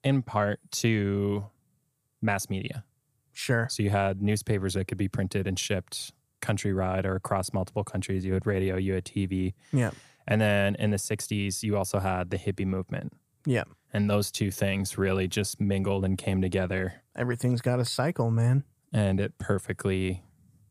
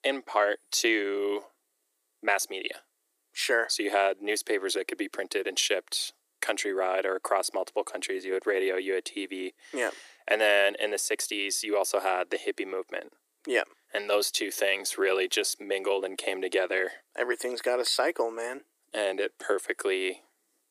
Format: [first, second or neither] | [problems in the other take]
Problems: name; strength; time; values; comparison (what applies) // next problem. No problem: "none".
first | thin; very; fading below 300 Hz